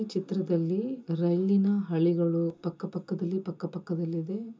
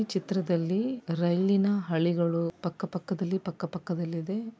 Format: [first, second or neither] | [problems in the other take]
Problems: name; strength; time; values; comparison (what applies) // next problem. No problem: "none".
second | room echo; dies away in 0.2 s